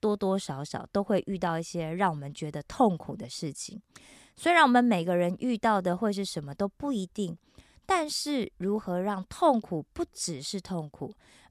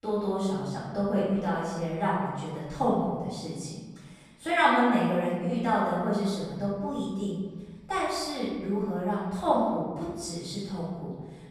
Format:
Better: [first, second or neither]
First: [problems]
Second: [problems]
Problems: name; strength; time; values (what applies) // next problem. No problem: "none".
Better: first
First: none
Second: off-mic speech; far // room echo; strong; dies away in 1.4 s